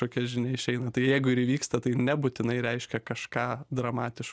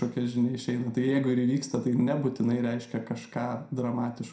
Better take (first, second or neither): first